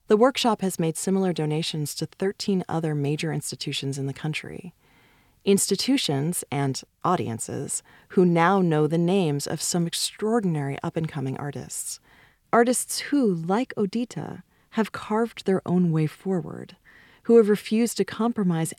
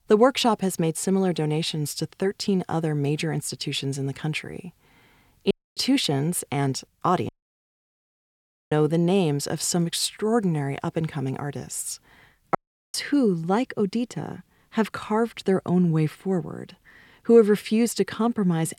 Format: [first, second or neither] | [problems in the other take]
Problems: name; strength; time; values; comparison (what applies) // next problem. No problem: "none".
first | audio cutting out; at 5.5 s, at 7.5 s for 1.5 s and at 13 s